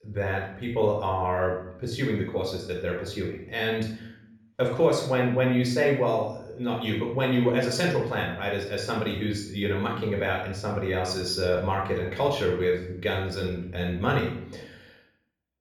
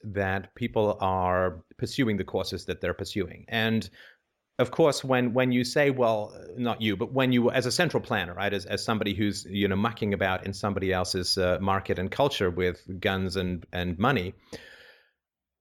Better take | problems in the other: second | off-mic speech; somewhat distant // room echo; noticeable; dies away in 0.5 s

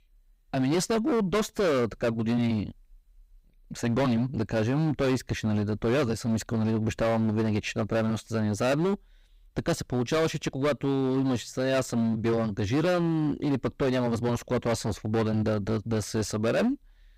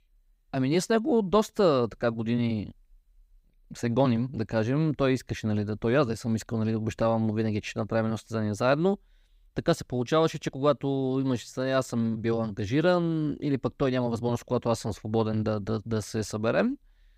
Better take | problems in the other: second | distortion; heavy; 15% of the sound clipped

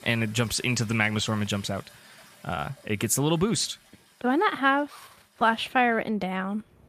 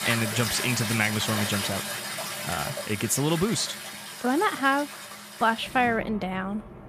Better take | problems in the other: first | rain or running water; loud; throughout; 5 dB below the speech; faint in the first

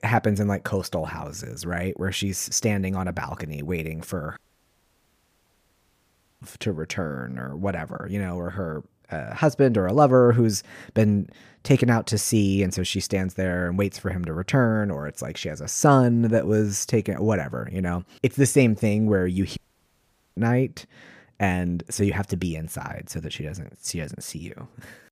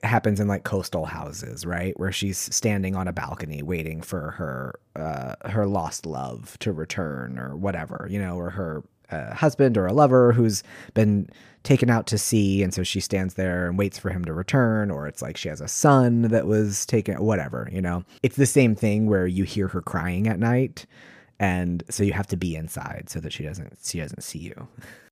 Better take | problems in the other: second | audio cutting out; at 4.5 s for 2 s and at 20 s for 1 s

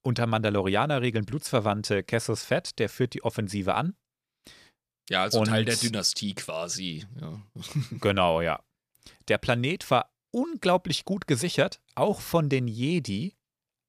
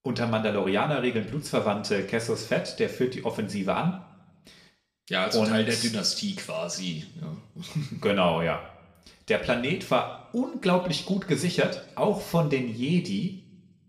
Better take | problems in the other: first | room echo; slight; dies away in 0.6 s // off-mic speech; somewhat distant

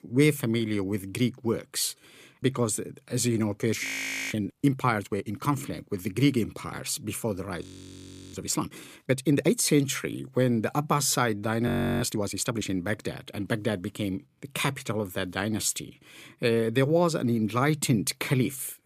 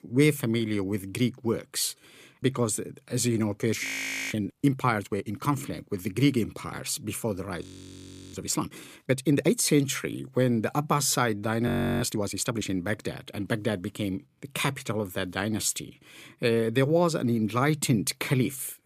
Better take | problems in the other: neither | audio freezing; at 4 s, at 7.5 s for 0.5 s and at 12 s; the same in both

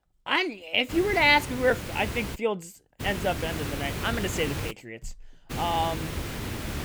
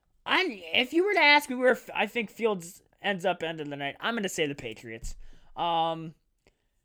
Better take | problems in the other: second | hiss; loud; from 1 to 2.5 s, from 3 to 4.5 s and from 5.5 s on; 8 dB below the speech

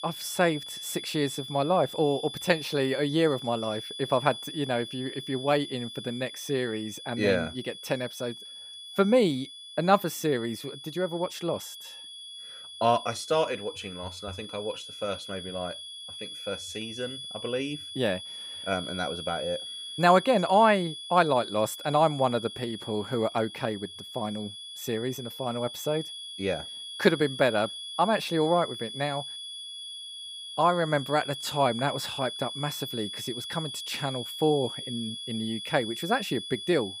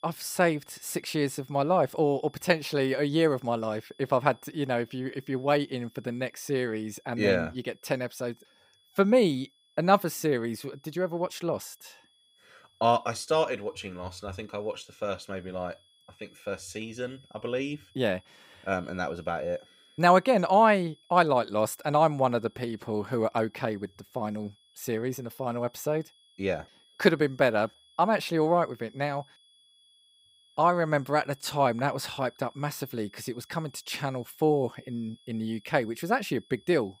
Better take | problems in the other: second | high-pitched whine; loud; throughout; 3.5 kHz, 9 dB below the speech; faint in the second

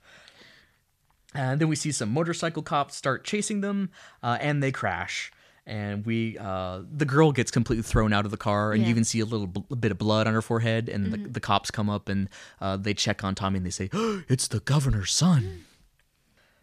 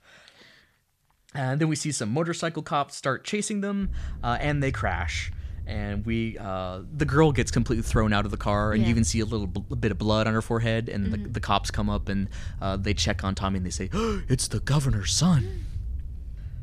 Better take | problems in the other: first | low rumble; faint; from 4 s on; 25 dB below the speech

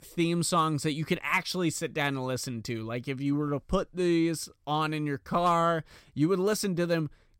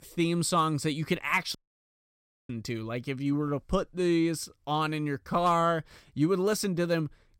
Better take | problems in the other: first | audio cutting out; at 1.5 s for 1 s

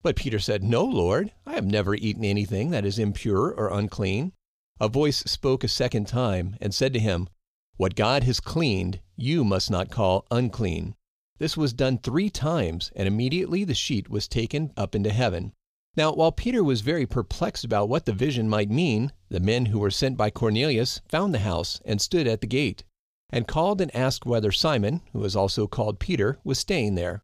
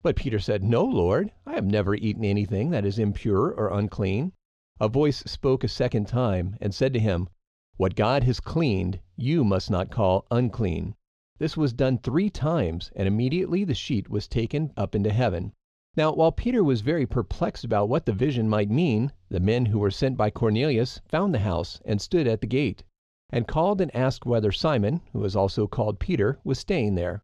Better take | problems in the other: first | muffled; slightly; fading above 1.5 kHz

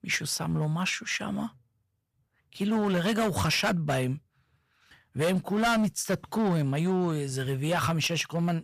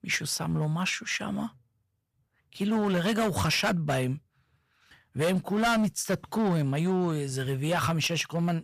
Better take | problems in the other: neither | distortion; heavy; 10% of the sound clipped; the same in both

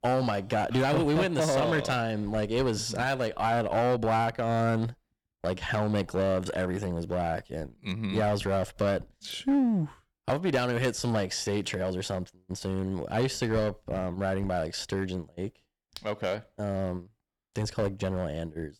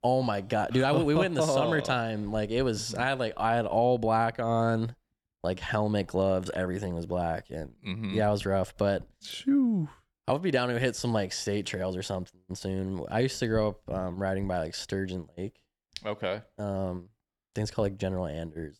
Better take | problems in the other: second | distortion; slight; 7% of the sound clipped

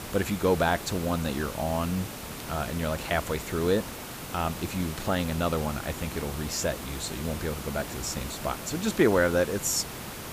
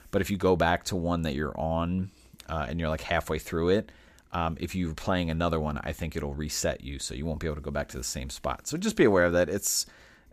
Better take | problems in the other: second | hiss; loud; throughout; 8 dB below the speech

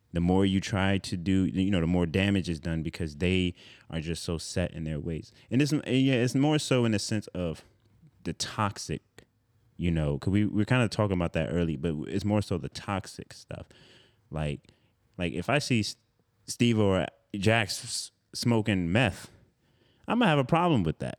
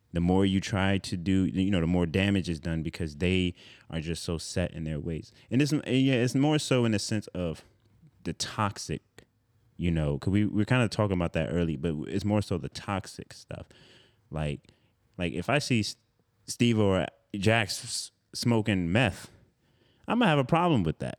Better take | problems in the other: neither | none

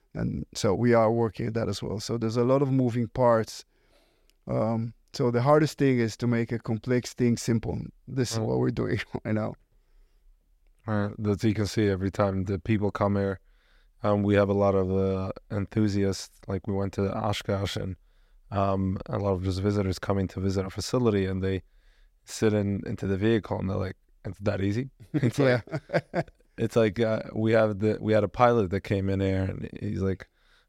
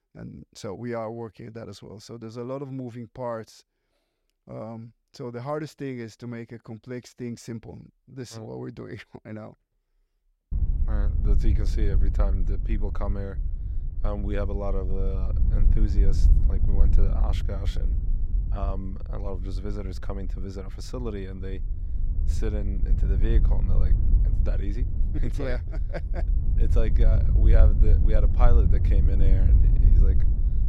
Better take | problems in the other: first | wind noise on the microphone; heavy; from 11 s on; 7 dB below the speech

